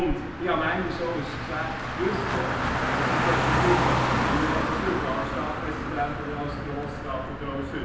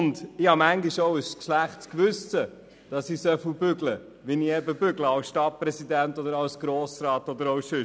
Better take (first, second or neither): second